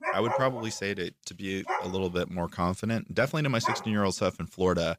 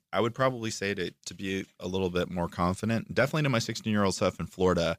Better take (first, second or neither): second